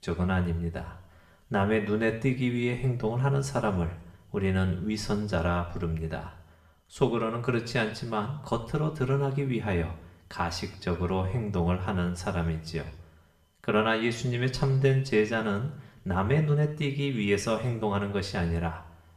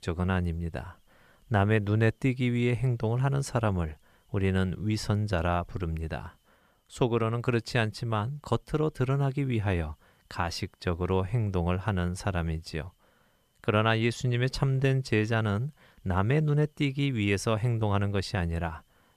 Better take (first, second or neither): second